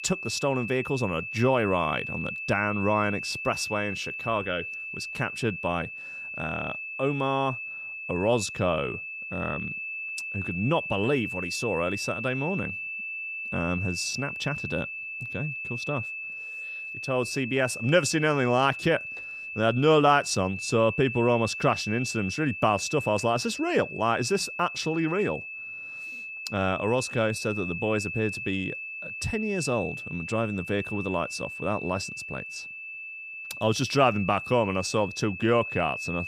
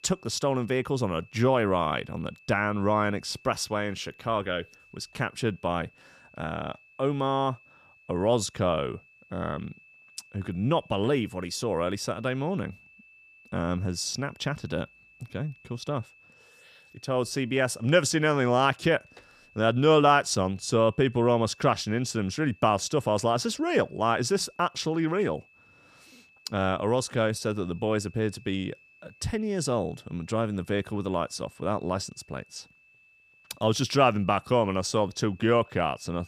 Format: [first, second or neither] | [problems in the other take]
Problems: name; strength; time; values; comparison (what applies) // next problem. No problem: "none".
second | high-pitched whine; loud; throughout; 2.5 kHz, 6 dB below the speech; faint in the second